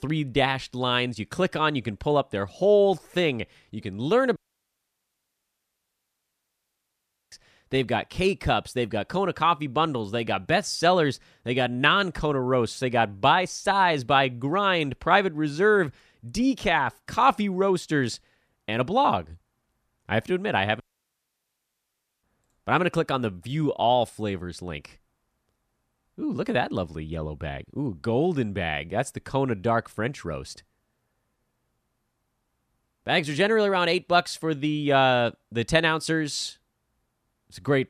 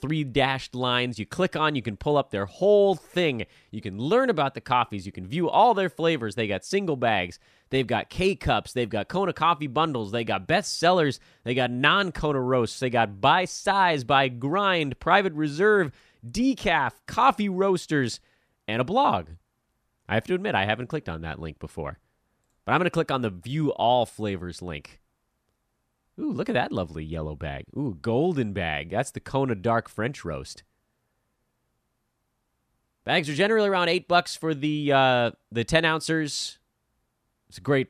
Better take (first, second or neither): second